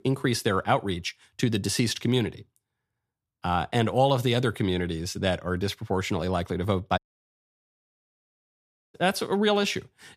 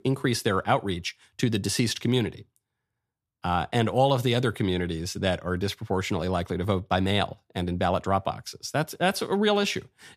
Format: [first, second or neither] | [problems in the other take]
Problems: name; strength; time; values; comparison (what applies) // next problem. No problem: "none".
second | audio cutting out; at 7 s for 2 s